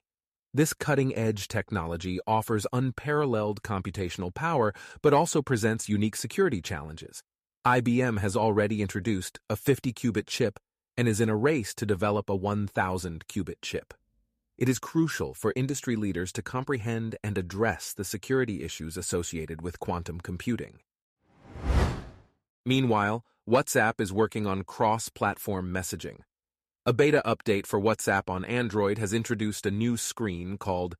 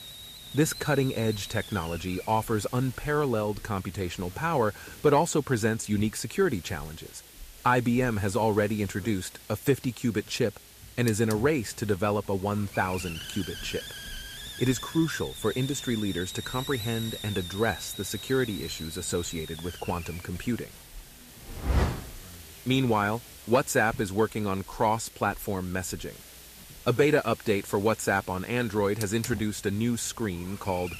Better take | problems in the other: first | hiss; noticeable; throughout; 15 dB below the speech

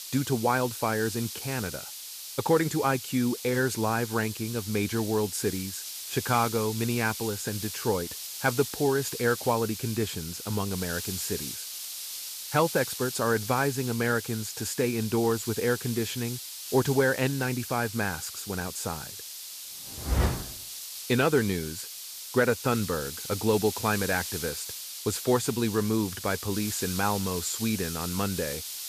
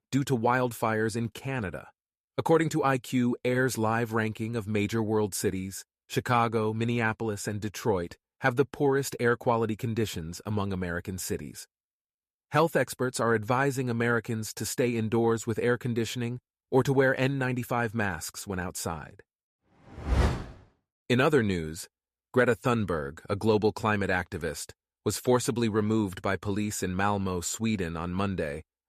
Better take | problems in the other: second | hiss; loud; throughout; 7 dB below the speech

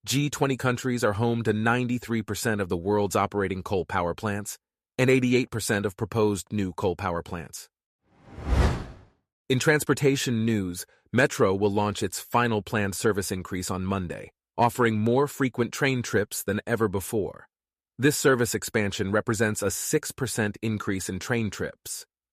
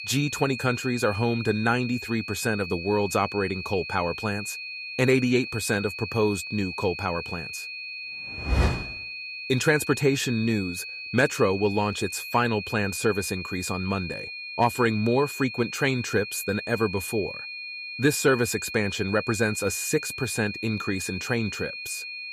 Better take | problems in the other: first | high-pitched whine; loud; throughout; 2.5 kHz, 8 dB below the speech

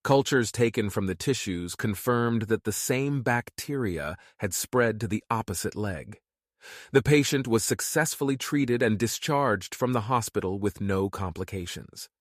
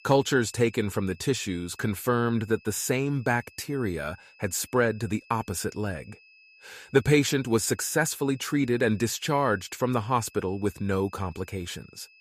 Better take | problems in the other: first | high-pitched whine; faint; throughout; 2.5 kHz, 25 dB below the speech

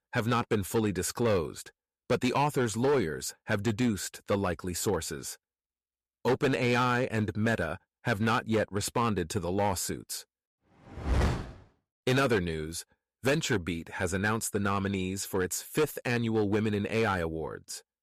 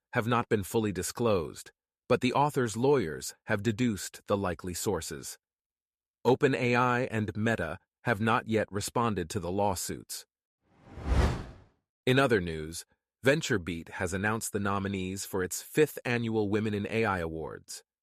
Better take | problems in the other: second | distortion; slight; 6% of the sound clipped

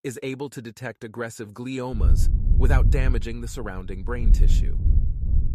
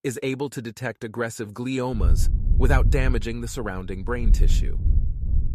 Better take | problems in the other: second | wind noise on the microphone; heavy; from 2 s on; 8 dB below the speech; occasional gusts in the second

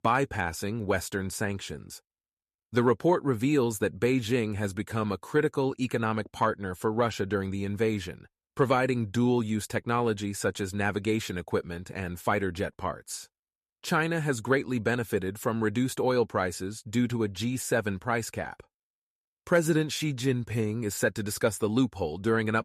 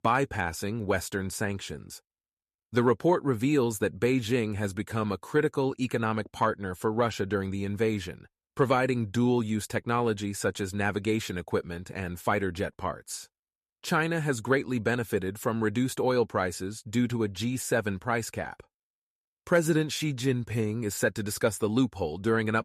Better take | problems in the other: neither | none

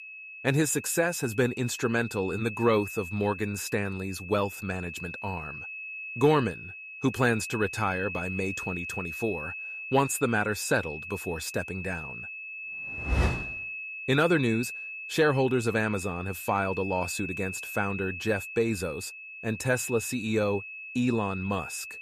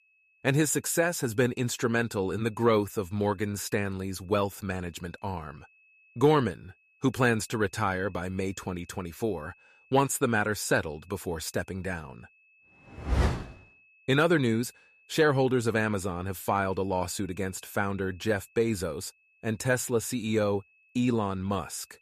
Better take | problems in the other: second | high-pitched whine; loud; throughout; 2.5 kHz, 8 dB below the speech; faint in the second

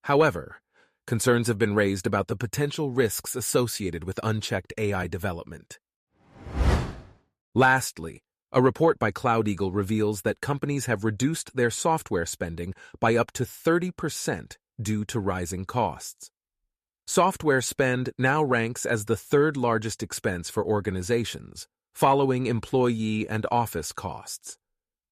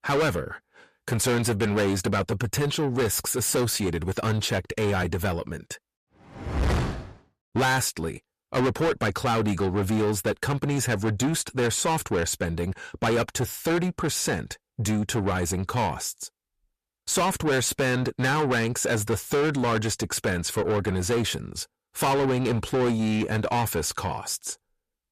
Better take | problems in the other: first | distortion; heavy; 6 dB below the speech

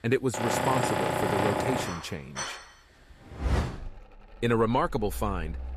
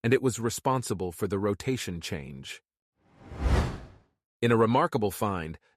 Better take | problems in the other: second | machinery noise; loud; throughout; 1 dB below the speech

